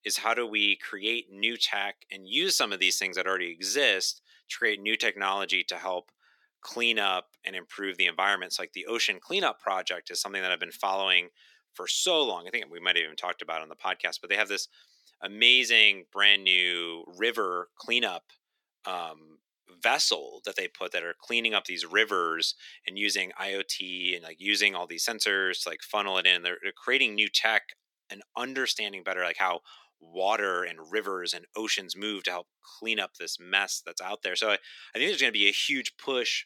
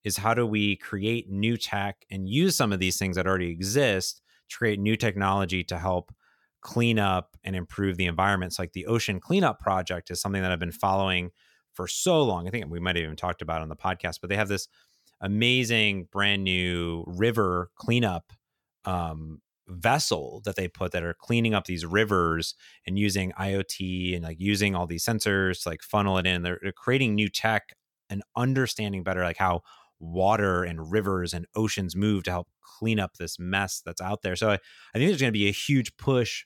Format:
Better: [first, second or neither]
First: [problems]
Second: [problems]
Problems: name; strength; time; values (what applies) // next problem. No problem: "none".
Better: second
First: thin; very; fading below 300 Hz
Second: none